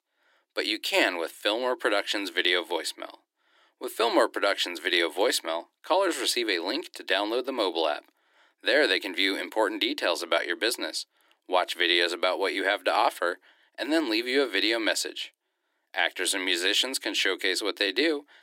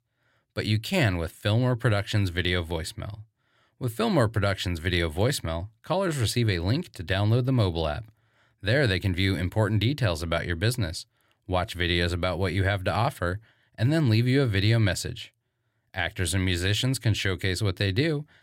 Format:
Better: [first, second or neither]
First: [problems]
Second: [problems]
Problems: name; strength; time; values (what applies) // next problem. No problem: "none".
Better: second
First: thin; very; fading below 300 Hz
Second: none